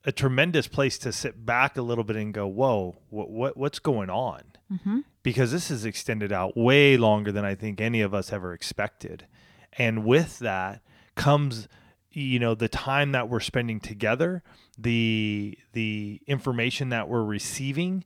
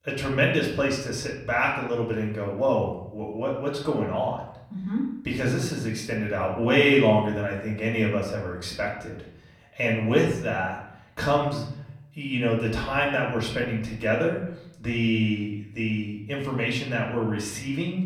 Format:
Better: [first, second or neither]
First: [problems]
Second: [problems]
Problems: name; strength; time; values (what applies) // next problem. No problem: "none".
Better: first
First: none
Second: room echo; slight; dies away in 0.7 s // off-mic speech; far